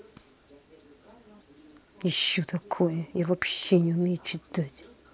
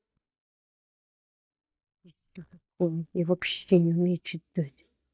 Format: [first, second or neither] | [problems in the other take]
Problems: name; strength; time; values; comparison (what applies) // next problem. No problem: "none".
first | noise reduction (neural mask model DeepFilterNet 3)